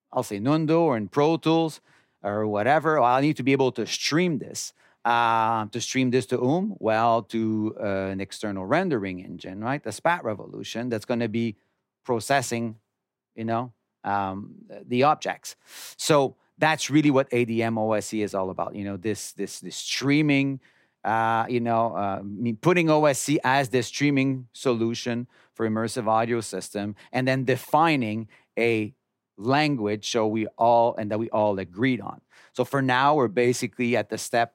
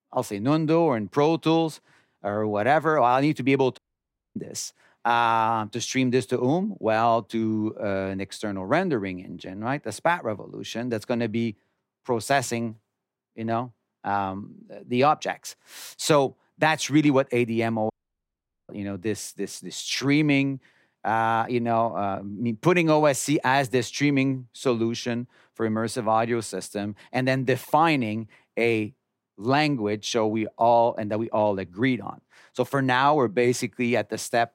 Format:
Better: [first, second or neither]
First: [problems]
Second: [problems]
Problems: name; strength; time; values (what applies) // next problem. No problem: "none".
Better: first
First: none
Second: audio cutting out; at 4 s for 0.5 s and at 18 s for 1 s